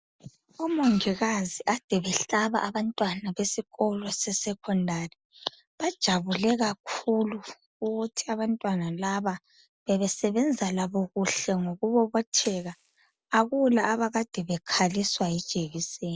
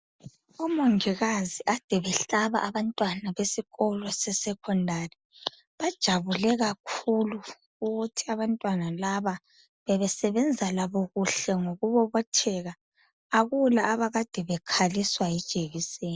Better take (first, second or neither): second